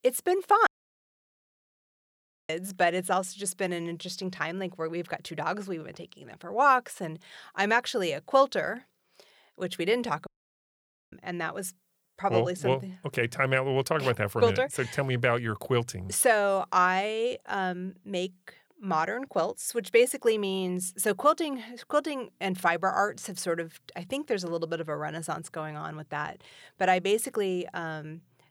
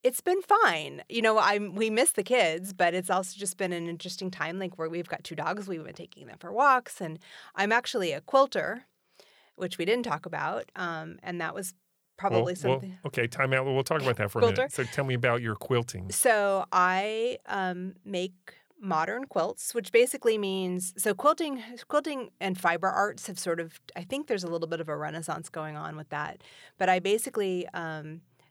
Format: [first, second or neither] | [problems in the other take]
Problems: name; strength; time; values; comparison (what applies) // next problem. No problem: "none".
second | audio cutting out; at 0.5 s for 2 s and at 10 s for 1 s